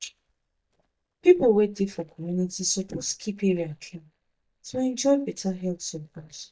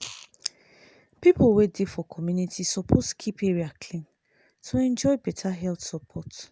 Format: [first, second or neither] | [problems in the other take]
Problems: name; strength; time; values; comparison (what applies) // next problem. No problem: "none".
second | noise reduction (neural mask model DeepFilterNet 3)